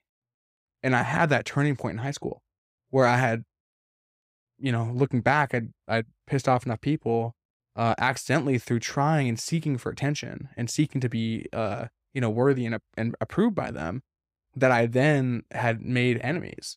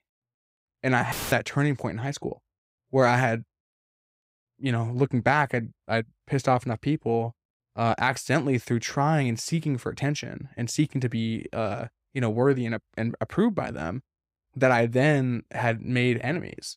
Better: first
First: none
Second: audio cutting out; filled with static; at 1 s

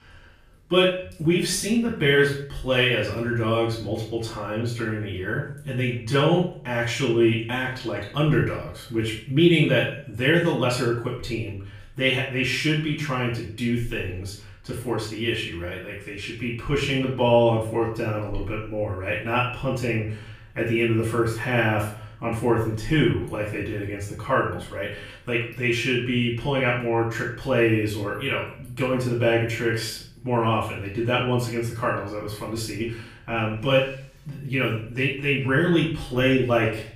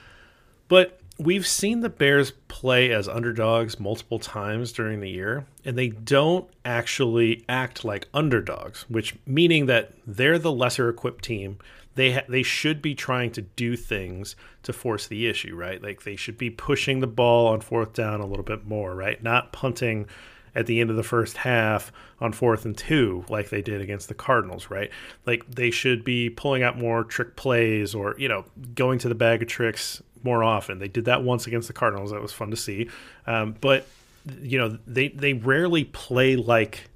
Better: second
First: off-mic speech; far // room echo; noticeable; dies away in 0.4 s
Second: none

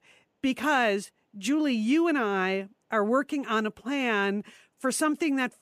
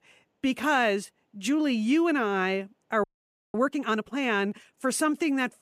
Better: first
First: none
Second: audio freezing; at 3 s for 0.5 s

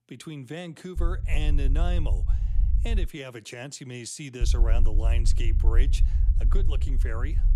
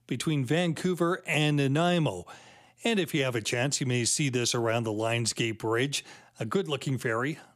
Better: second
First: low rumble; loud; from 1 to 3 s and from 4.5 s on; 10 dB below the speech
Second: none

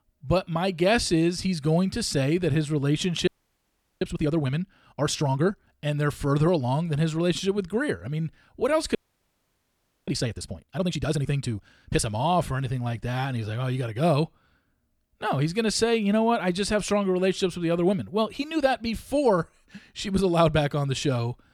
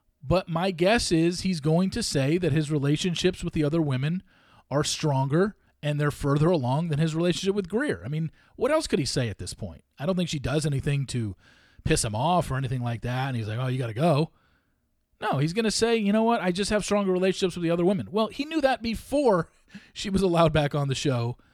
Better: second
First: audio freezing; at 3.5 s for 0.5 s and at 9 s for 1 s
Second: none

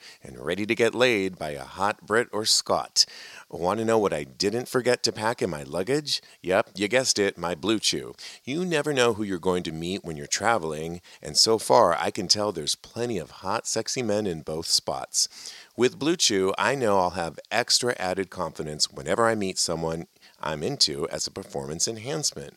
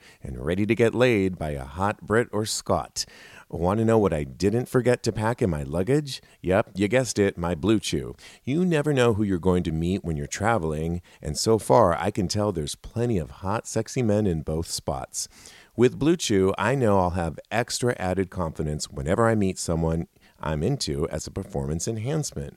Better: second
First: thin; very slightly; fading below 500 Hz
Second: none

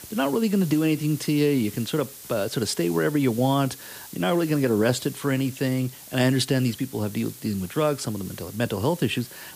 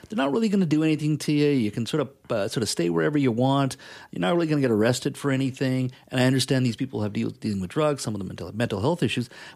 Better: second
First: hiss; noticeable; throughout; 15 dB below the speech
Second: none

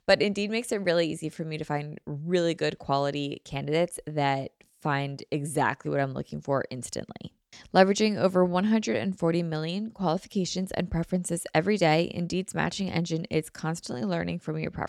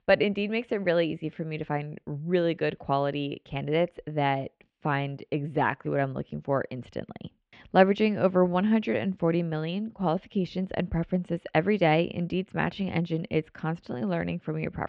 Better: first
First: none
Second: muffled; slightly; fading above 3 kHz

